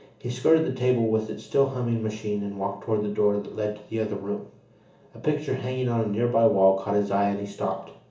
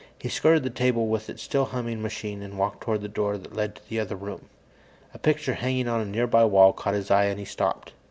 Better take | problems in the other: second | room echo; dies away in 0.8 s

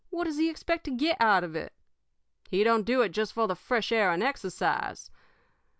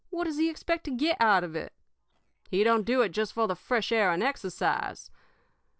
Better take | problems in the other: first | noise reduction (neural separator model SepFormer DNS4)

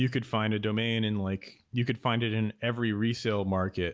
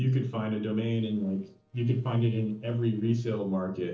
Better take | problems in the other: first | noise reduction (neural separator model SepFormer DNS4)

